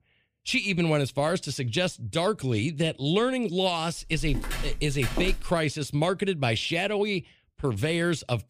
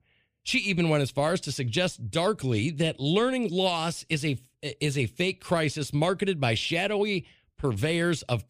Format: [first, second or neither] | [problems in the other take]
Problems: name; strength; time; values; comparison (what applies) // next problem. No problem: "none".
second | footsteps; noticeable; from 4 to 5.5 s; peak 5 dB below the speech